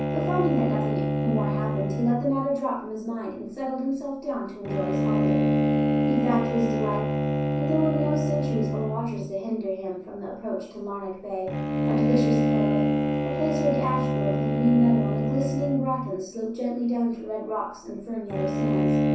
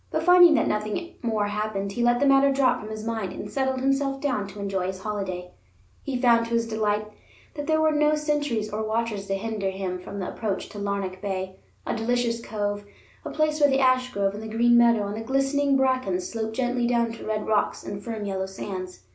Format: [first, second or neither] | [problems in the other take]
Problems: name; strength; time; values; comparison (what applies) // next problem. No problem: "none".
second | background sound (Bowed string instrument); 2 dB above the speech // room echo; dies away in 0.6 s